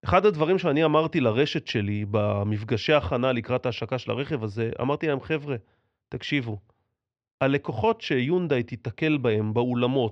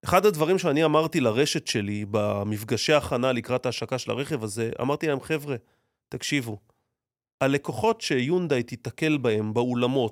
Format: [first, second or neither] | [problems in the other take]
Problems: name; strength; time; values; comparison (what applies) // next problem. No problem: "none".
second | muffled; slightly; fading above 4 kHz